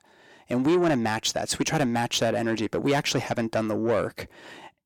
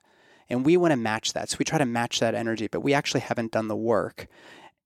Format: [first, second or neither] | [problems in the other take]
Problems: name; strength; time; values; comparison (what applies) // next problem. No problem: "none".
second | distortion; slight; 10 dB below the speech